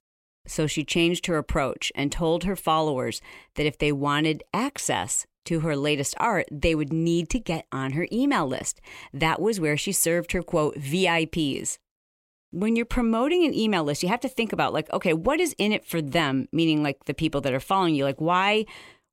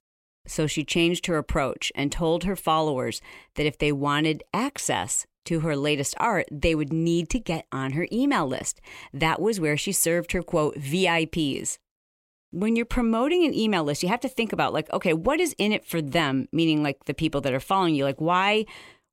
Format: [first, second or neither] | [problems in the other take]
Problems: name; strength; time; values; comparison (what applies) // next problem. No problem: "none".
neither | none